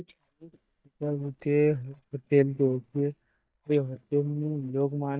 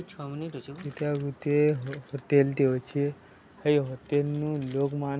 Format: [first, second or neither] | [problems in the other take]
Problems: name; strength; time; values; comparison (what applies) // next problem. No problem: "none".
second | noise reduction (neural mask model DeepFilterNet 3)